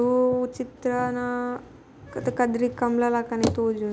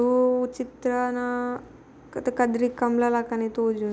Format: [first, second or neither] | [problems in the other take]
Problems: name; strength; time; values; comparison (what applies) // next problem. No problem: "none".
second | background sound (Bicycle); 11 dB below the speech